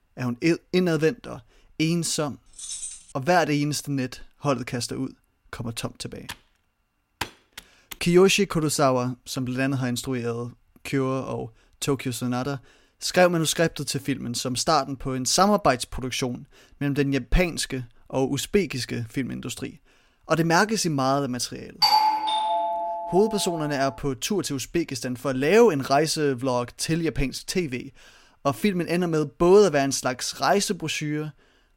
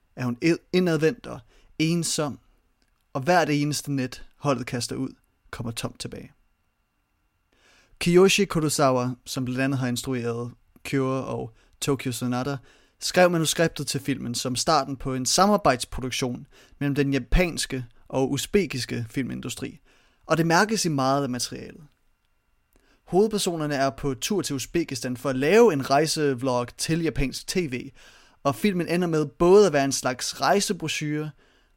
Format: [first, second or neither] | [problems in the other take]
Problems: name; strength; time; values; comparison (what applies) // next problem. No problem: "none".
second | jangling keys; noticeable; at 2.5 s; peak 8 dB below the speech // keyboard typing; faint; from 6.5 to 8 s; peak 10 dB below the speech // doorbell; loud; from 22 to 23 s; peak 6 dB above the speech